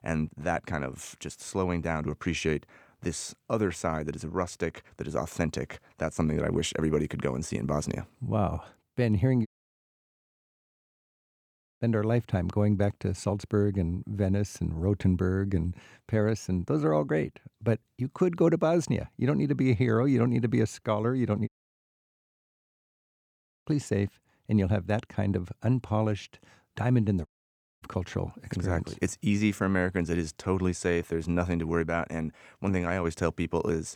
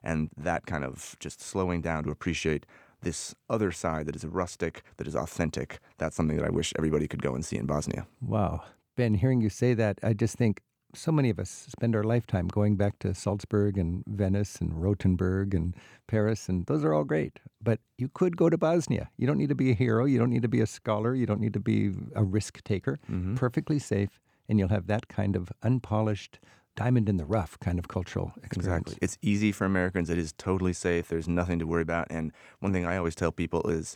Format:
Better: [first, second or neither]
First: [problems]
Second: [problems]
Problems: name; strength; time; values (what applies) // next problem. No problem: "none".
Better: second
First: audio cutting out; at 9.5 s for 2.5 s, at 21 s for 2 s and at 27 s for 0.5 s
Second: none